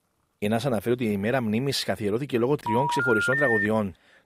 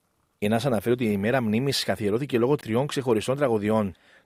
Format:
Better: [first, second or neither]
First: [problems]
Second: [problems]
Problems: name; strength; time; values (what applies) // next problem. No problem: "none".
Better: second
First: phone ringing; loud; from 2.5 to 3.5 s; peak 3 dB above the speech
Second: none